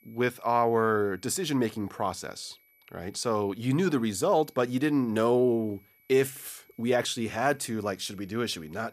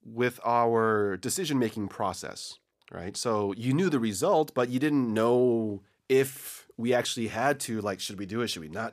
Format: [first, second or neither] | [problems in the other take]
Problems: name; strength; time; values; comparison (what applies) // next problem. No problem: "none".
second | high-pitched whine; faint; throughout; 2.5 kHz, 35 dB below the speech